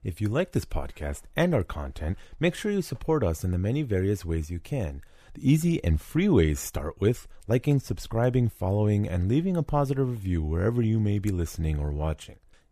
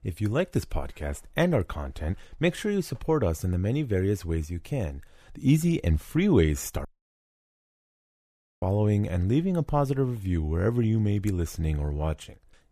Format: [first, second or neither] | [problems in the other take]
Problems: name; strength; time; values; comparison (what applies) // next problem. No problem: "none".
first | audio cutting out; at 7 s for 2 s